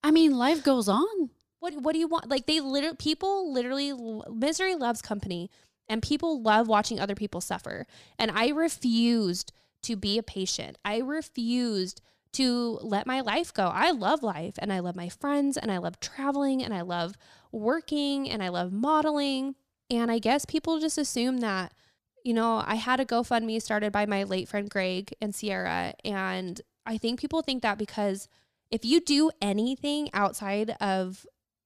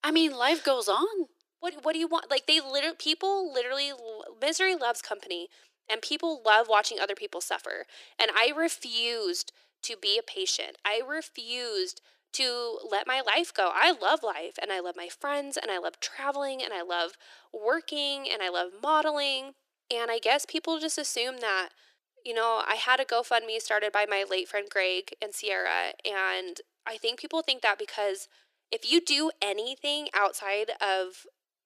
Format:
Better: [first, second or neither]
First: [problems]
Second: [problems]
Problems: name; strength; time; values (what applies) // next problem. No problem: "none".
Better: first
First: none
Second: thin; very; fading below 350 Hz